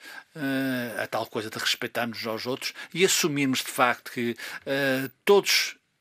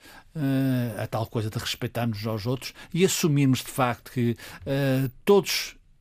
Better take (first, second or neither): second